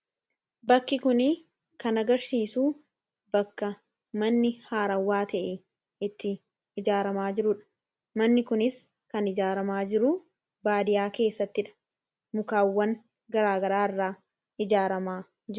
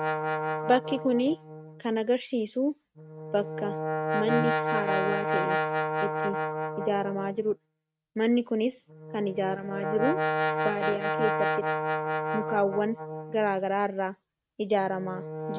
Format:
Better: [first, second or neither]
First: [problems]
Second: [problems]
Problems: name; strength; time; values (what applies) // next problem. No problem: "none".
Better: first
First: none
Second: noise reduction (neural mask model RNNoise)